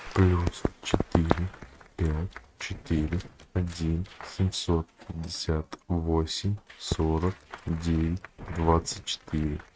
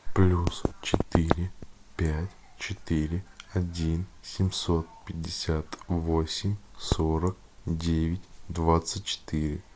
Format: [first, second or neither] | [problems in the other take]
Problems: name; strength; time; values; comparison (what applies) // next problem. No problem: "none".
second | noise reduction (neural mask model RNNoise)